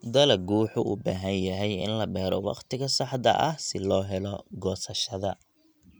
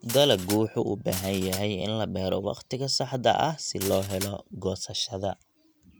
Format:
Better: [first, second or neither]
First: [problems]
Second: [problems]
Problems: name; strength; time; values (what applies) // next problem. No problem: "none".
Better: first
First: none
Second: background sound (Glass); 11 dB below the speech